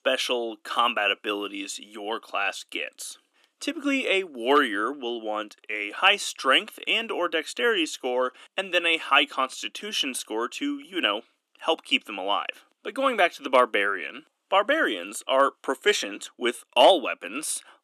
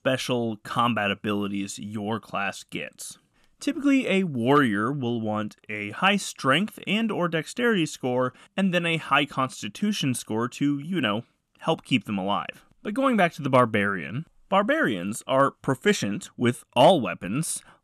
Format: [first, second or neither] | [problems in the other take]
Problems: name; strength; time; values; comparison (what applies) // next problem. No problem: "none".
second | thin; somewhat; fading below 300 Hz